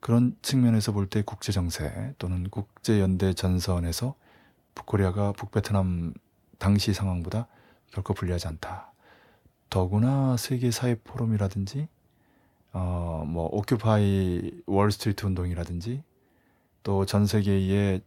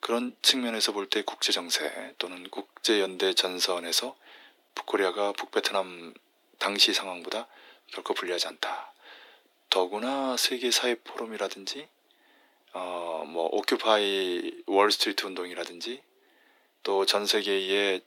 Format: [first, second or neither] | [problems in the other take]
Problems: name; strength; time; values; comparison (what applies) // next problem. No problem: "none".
first | thin; very; fading below 300 Hz